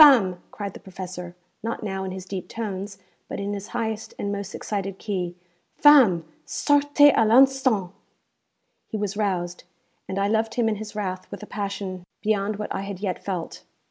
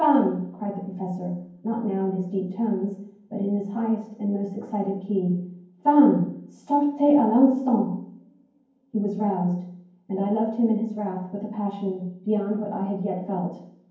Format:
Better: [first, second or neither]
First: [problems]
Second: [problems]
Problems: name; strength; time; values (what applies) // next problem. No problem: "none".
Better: first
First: none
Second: room echo; dies away in 0.9 s